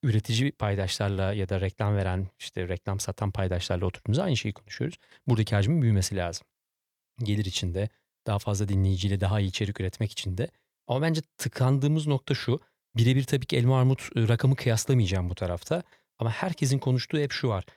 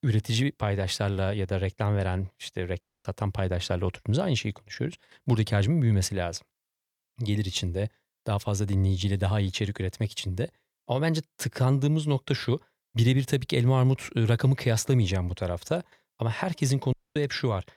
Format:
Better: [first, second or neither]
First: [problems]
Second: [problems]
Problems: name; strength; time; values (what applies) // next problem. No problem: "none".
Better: first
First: none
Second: audio cutting out; at 3 s and at 17 s